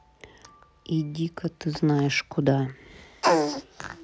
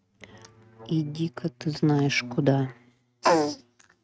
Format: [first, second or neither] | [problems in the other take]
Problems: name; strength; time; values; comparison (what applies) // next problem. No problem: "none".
first | noise reduction (neural mask model RNNoise)